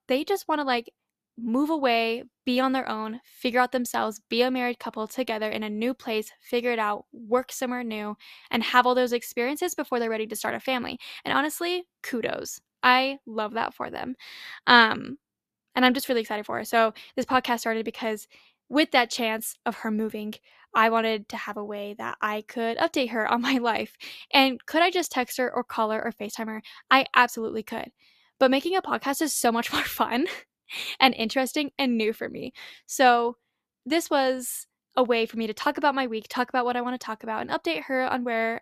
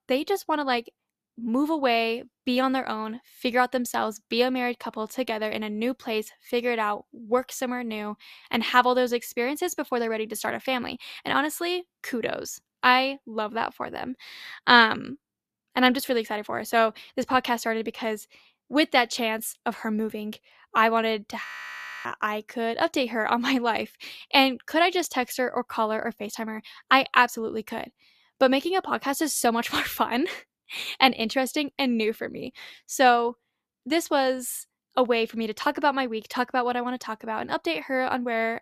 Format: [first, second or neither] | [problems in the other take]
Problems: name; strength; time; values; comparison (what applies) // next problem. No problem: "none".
first | audio freezing; at 21 s for 0.5 s